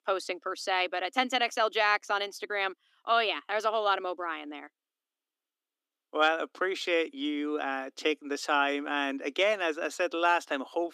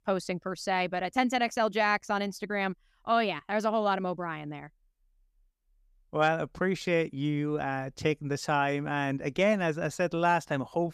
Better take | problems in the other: second | thin; very slightly; fading below 250 Hz

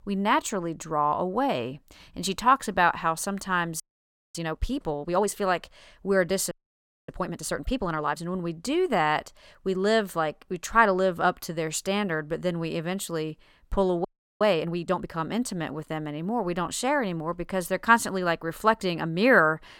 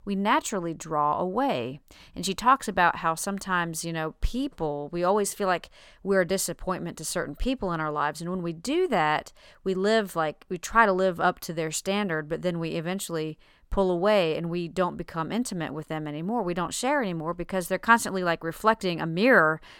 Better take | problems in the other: second | audio freezing; at 4 s for 0.5 s, at 6.5 s for 0.5 s and at 14 s

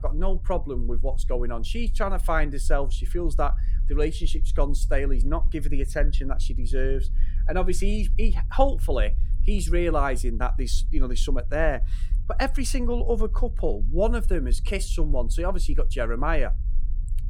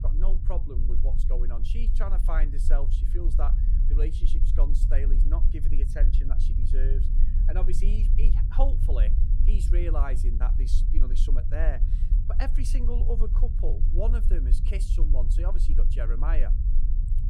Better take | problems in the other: first | low rumble; loud; throughout; 7 dB below the speech; faint in the first

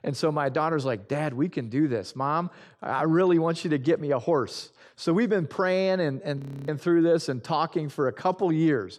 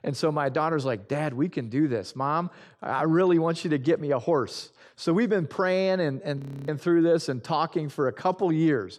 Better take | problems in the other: neither | audio freezing; at 6.5 s; the same in both

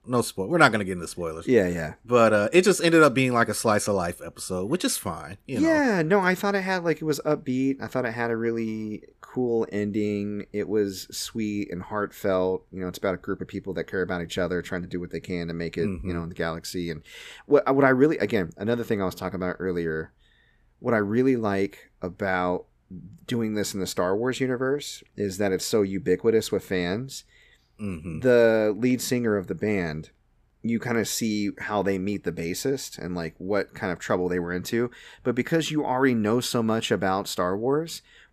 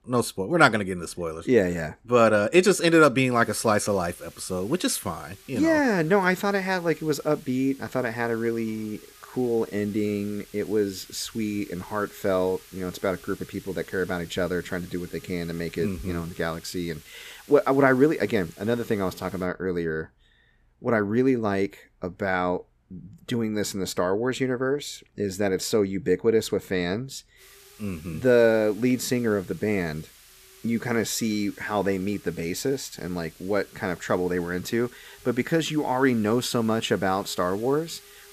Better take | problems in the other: first | hiss; faint; from 3.5 to 19 s and from 27 s on; 25 dB below the speech

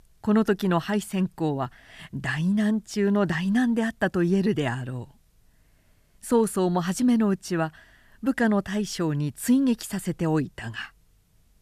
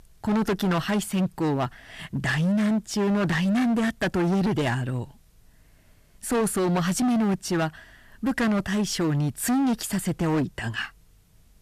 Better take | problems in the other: first | distortion; heavy; 21% of the sound clipped

